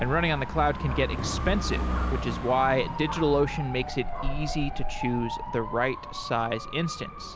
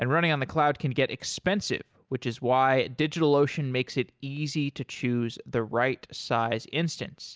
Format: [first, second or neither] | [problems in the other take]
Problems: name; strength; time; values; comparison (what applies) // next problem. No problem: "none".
second | background sound (Motorcycle / Dog); 3 dB below the speech